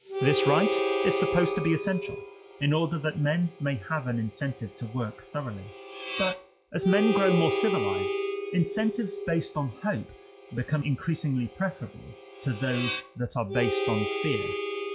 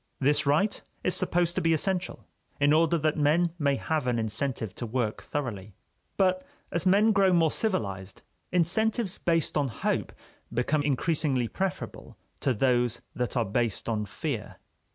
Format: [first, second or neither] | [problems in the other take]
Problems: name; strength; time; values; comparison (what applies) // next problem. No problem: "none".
second | noise reduction (classical method log-MMSE)